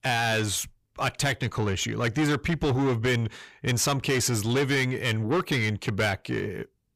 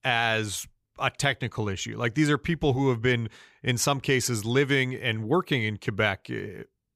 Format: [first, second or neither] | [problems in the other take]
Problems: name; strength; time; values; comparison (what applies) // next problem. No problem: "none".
second | distortion; heavy; 8 dB below the speech